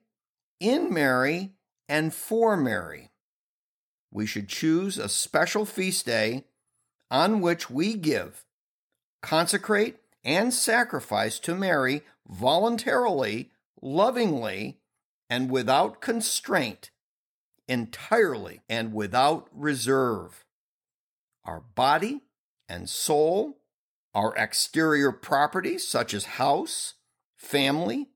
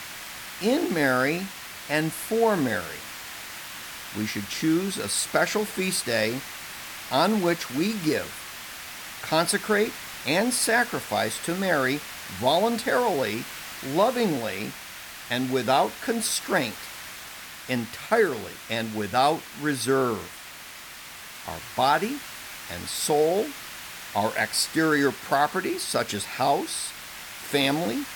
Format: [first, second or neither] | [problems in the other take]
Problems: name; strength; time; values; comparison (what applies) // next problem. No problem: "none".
first | hiss; noticeable; throughout; 10 dB below the speech